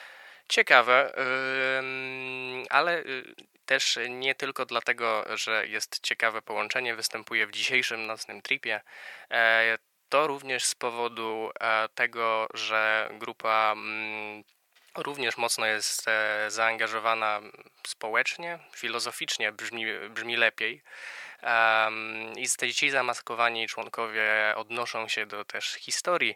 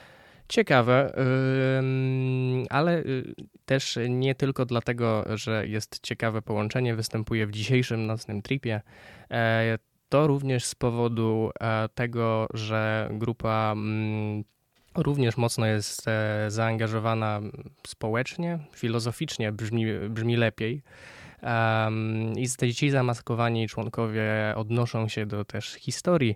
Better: second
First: thin; very; fading below 750 Hz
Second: none

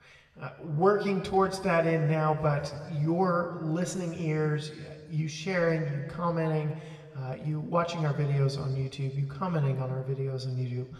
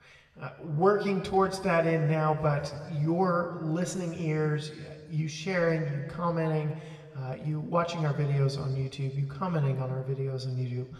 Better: neither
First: room echo; slight; dies away in 1.6 s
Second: room echo; slight; dies away in 1.6 s

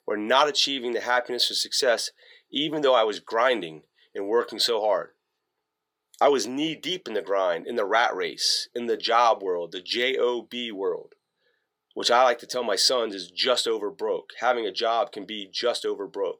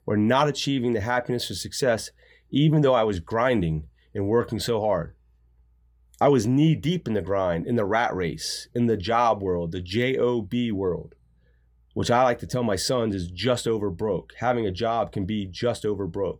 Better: second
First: thin; somewhat; fading below 400 Hz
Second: none

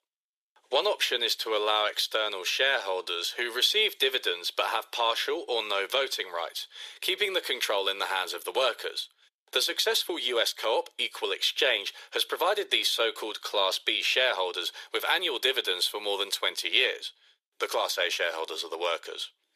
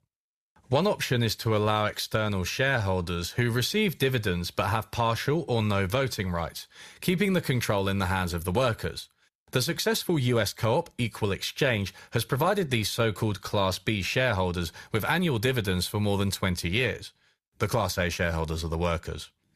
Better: second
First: thin; very; fading below 350 Hz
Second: none

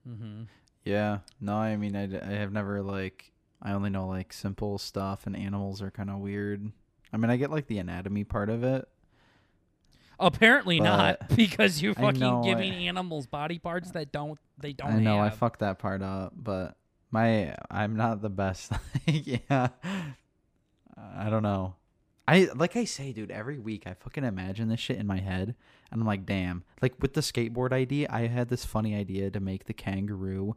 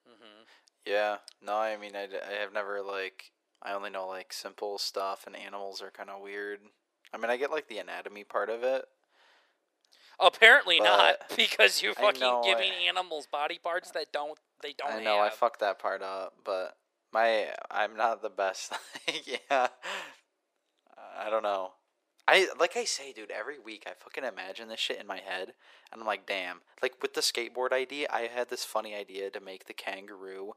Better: first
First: none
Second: thin; very; fading below 450 Hz

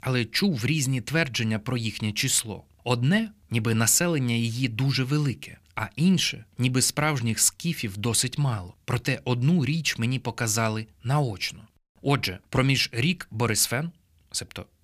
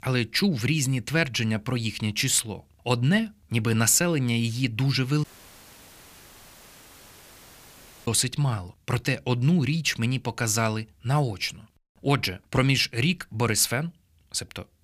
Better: first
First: none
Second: audio cutting out; at 5 s for 3 s

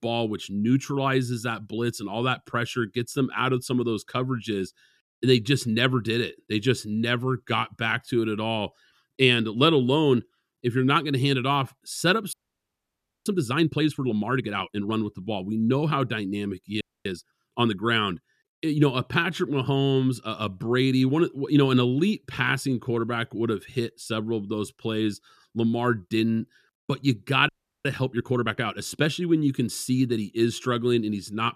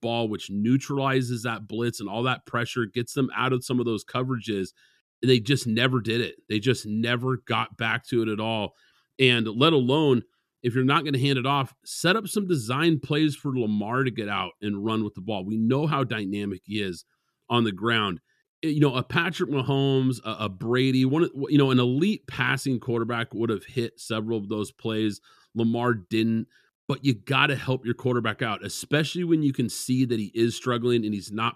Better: second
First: audio freezing; at 12 s for 1 s, at 17 s and at 27 s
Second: none

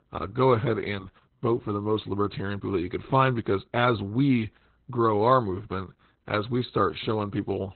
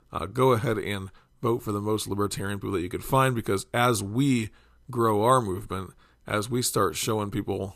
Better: second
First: garbled, watery; badly; nothing above 4 kHz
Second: none

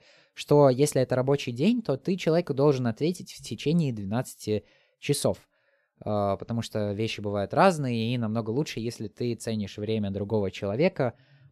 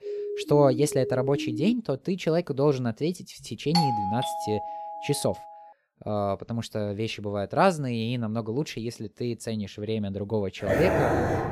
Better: first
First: none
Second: siren; noticeable; until 1.5 s; peak 5 dB below the speech // doorbell; loud; from 3.5 to 5.5 s; peak 2 dB above the speech // dog barking; loud; at 11 s; peak 3 dB above the speech

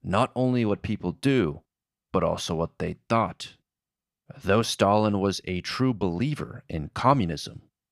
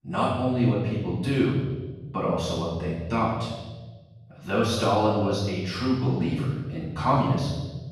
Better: first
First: none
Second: off-mic speech; far // room echo; strong; dies away in 1.4 s

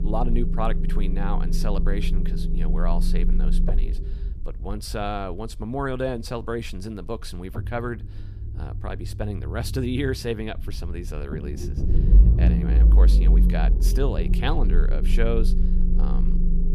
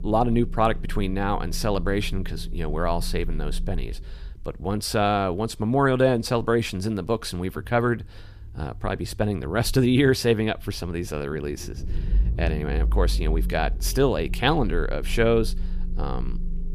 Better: second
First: low rumble; loud; throughout; 7 dB below the speech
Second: low rumble; faint; throughout; 20 dB below the speech

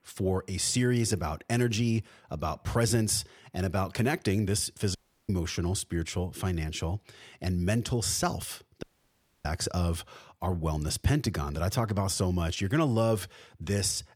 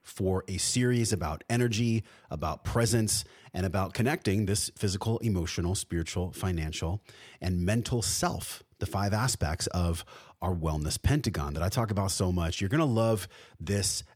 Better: second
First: audio cutting out; at 5 s and at 9 s for 0.5 s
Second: none

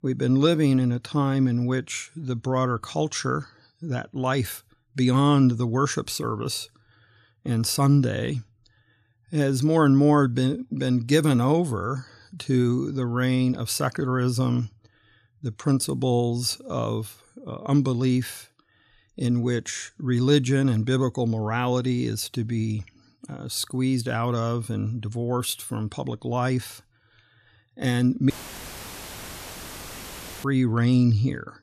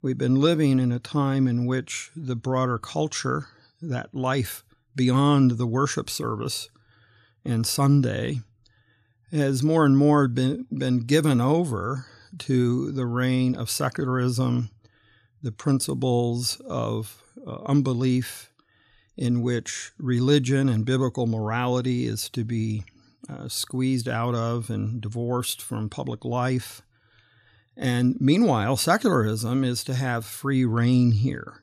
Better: second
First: audio cutting out; filled with static; at 28 s for 2 s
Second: none

